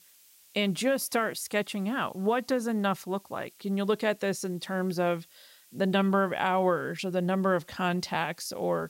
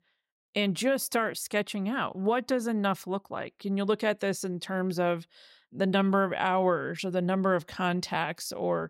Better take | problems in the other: second | hiss; faint; throughout; 25 dB below the speech

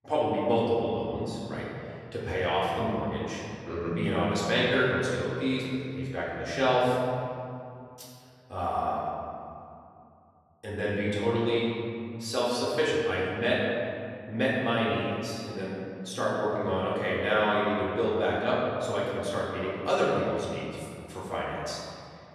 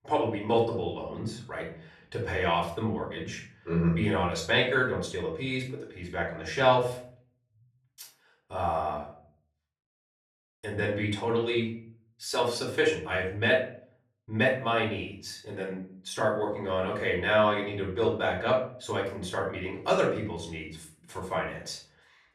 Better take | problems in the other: second | room echo; strong; dies away in 2.4 s; slight in the second // off-mic speech; far; far in the second

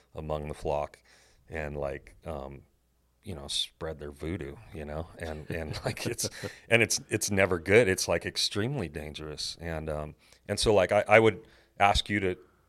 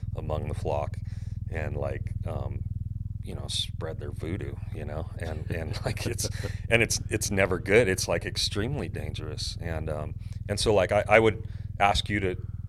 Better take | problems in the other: first | low rumble; faint; throughout; 25 dB below the speech

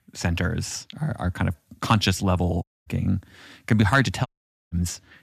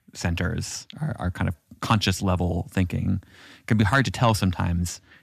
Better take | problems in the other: second | audio cutting out; at 2.5 s and at 4.5 s

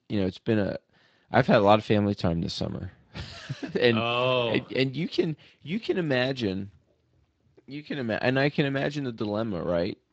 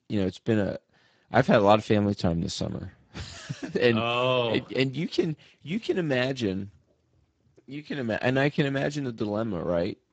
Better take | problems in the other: first | garbled, watery; badly; nothing above 7.5 kHz; slightly in the first

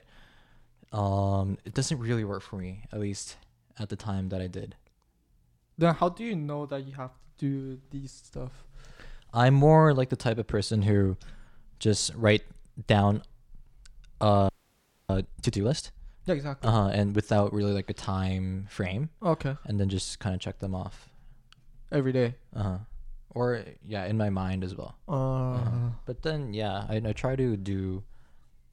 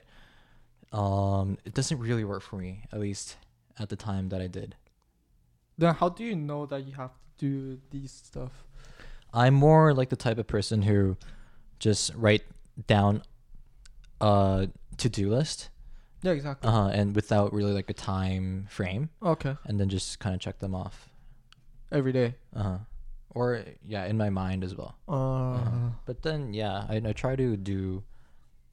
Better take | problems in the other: second | audio freezing; at 14 s for 0.5 s

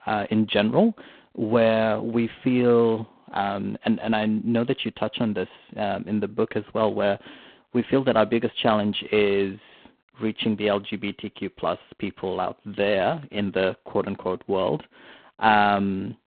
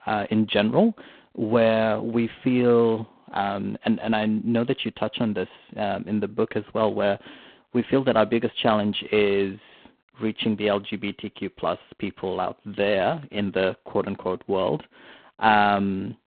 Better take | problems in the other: neither | phone-call audio; poor line; the same in both

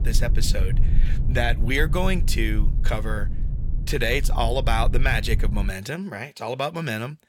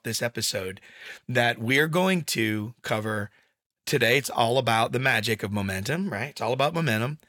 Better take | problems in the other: second | low rumble; noticeable; until 5.5 s; 15 dB below the speech

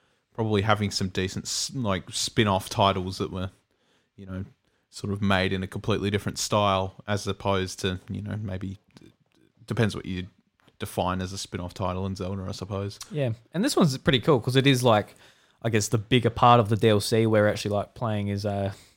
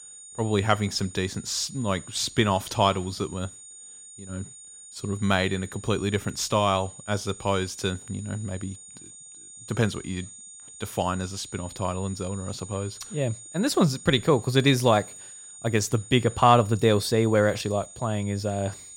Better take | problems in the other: first | high-pitched whine; noticeable; throughout; 7 kHz, 15 dB below the speech

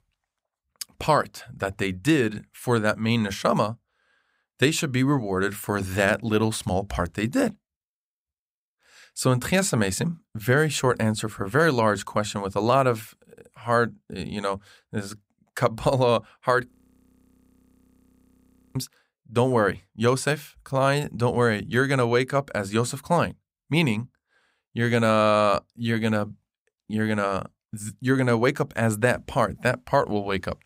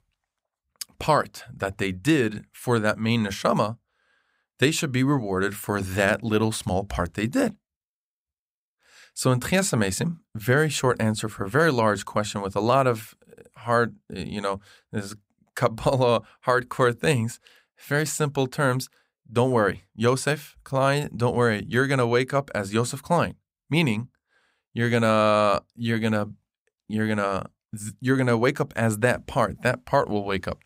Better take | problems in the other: second | audio freezing; at 17 s for 2 s

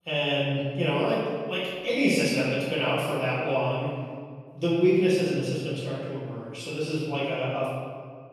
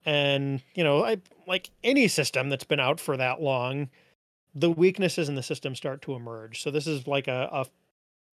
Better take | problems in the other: second | off-mic speech; far // room echo; strong; dies away in 1.6 s

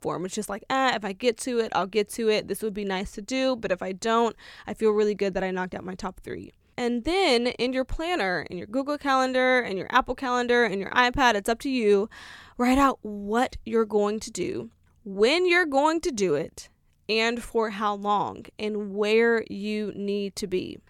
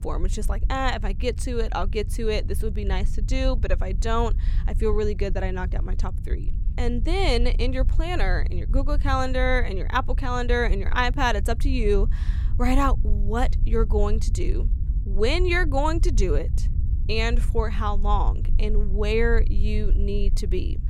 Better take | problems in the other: first | low rumble; noticeable; throughout; 20 dB below the speech

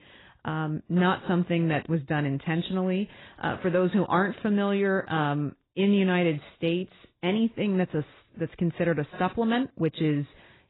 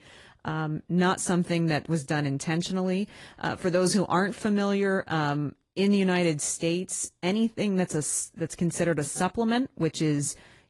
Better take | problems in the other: second | garbled, watery; badly; nothing above 4 kHz; slightly in the second

